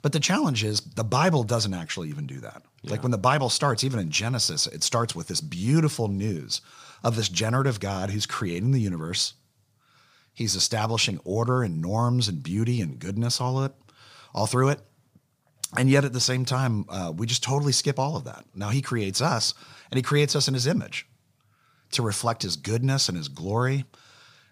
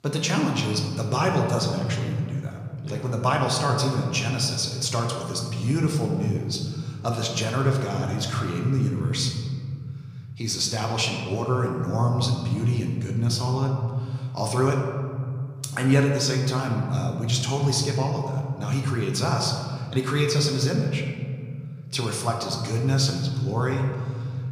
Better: first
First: none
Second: room echo; noticeable; dies away in 2.6 s

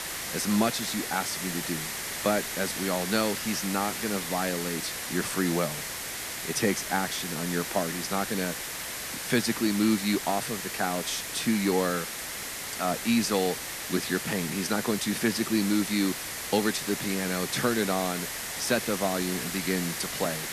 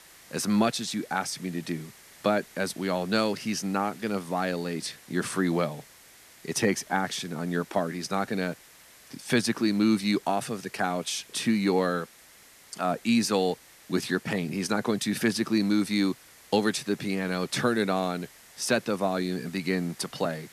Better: second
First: hiss; loud; throughout; 4 dB below the speech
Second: hiss; faint; throughout; 20 dB below the speech

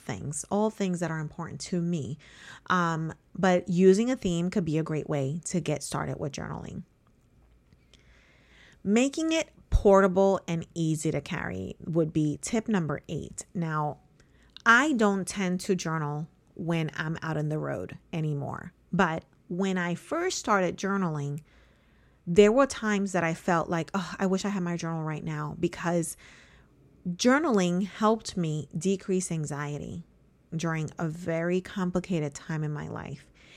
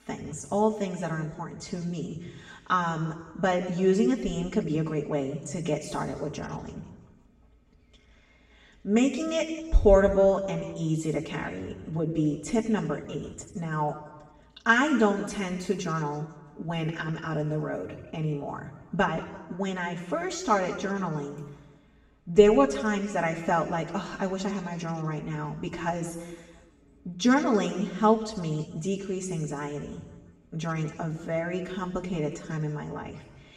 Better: first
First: none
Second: room echo; noticeable; dies away in 1.2 s // off-mic speech; far

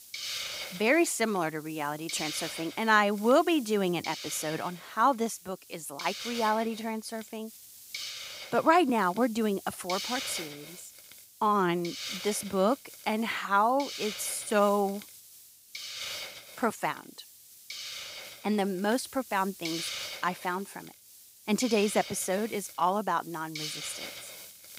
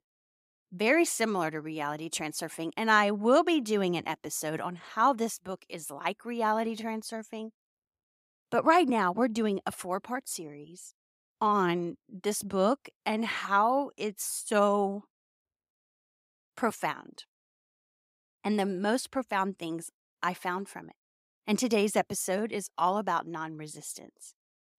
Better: second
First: hiss; noticeable; throughout; 10 dB below the speech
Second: none

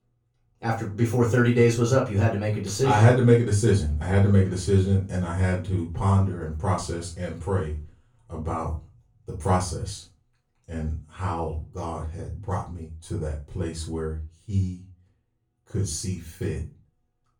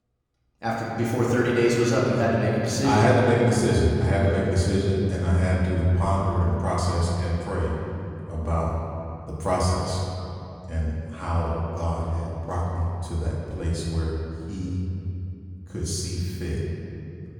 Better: first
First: room echo; slight; dies away in 0.3 s // off-mic speech; far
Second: room echo; strong; dies away in 2.6 s // off-mic speech; far

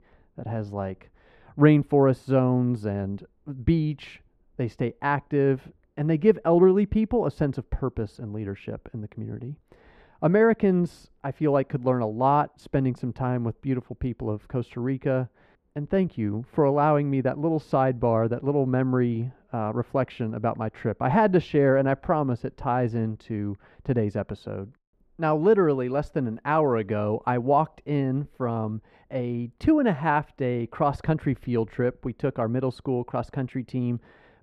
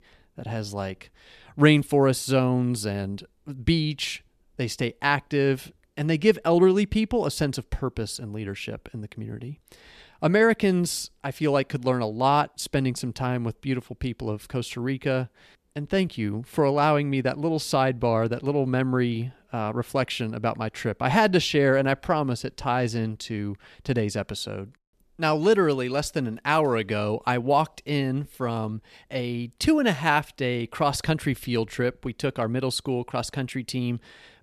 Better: second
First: muffled; very; fading above 2.5 kHz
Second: none

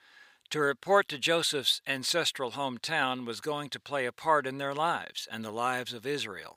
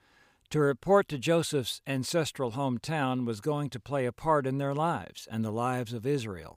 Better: second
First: thin; somewhat; fading below 700 Hz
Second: none

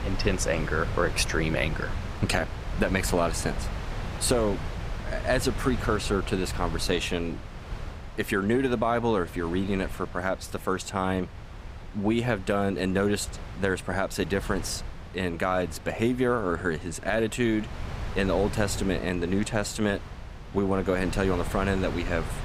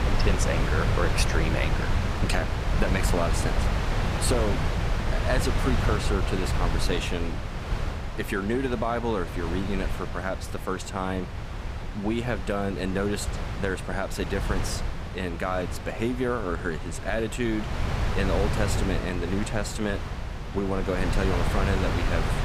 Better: first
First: wind noise on the microphone; occasional gusts; 15 dB below the speech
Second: wind noise on the microphone; heavy; 3 dB below the speech

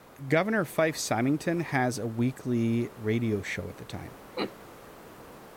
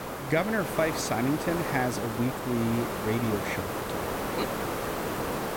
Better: first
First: hiss; faint; throughout; 20 dB below the speech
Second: hiss; loud; throughout; 2 dB below the speech

